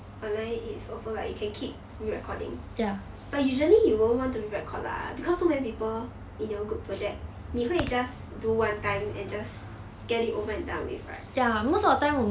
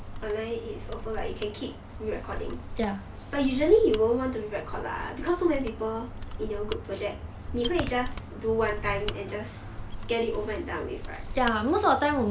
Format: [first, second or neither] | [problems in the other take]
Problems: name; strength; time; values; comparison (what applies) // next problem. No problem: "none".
first | background sound (Mechanisms); 10 dB below the speech